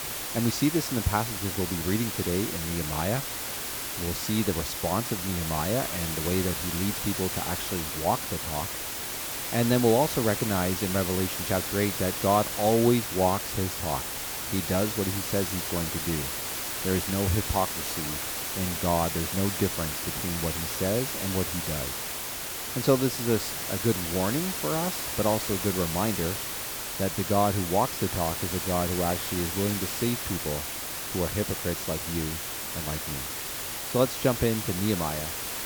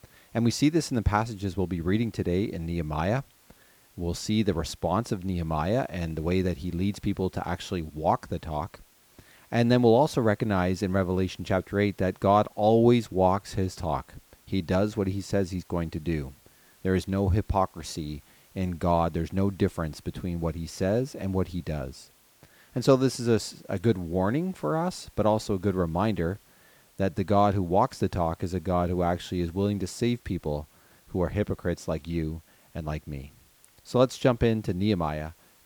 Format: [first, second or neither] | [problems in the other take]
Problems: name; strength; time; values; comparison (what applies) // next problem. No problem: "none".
second | hiss; loud; throughout; 2 dB below the speech; faint in the second